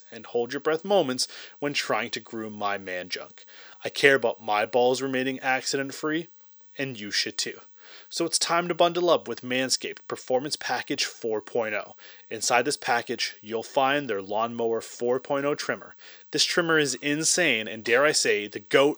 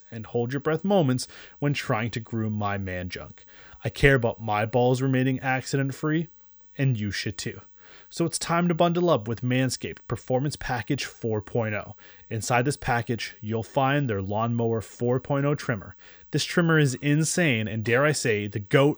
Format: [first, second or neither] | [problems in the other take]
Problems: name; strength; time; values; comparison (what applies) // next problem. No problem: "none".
second | thin; somewhat; fading below 400 Hz